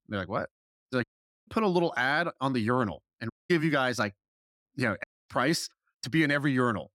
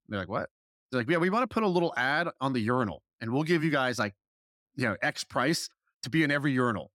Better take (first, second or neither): second